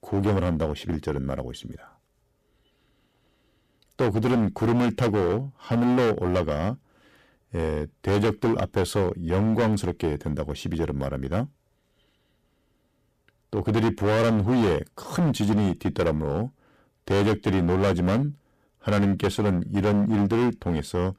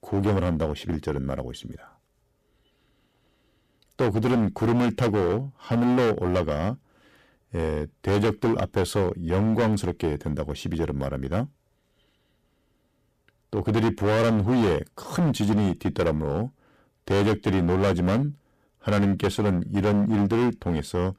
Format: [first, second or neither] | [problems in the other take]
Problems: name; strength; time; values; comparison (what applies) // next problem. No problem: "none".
neither | distortion; heavy; 14% of the sound clipped; the same in both